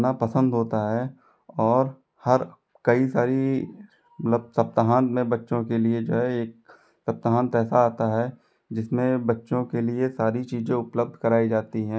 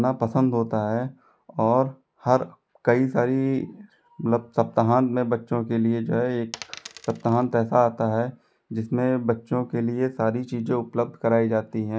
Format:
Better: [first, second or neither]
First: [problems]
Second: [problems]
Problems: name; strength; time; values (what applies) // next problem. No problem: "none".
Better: first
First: none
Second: background sound (Coin (dropping)); 18 dB below the speech